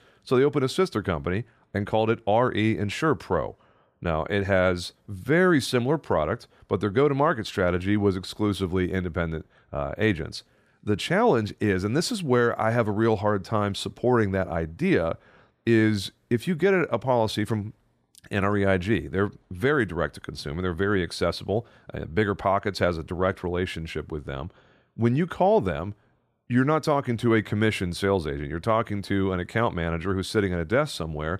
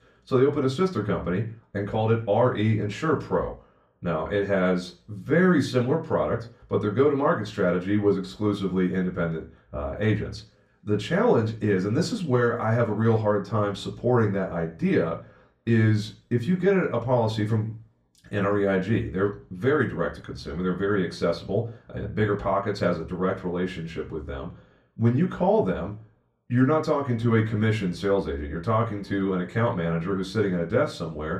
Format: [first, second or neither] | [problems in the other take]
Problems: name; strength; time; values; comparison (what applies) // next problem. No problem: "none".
first | room echo; very slight; dies away in 0.3 s // off-mic speech; far